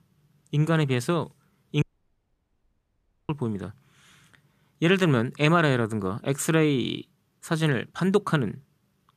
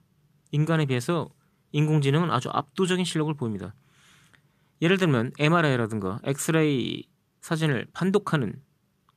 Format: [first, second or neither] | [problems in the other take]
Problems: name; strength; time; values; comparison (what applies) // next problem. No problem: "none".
second | audio cutting out; at 2 s for 1.5 s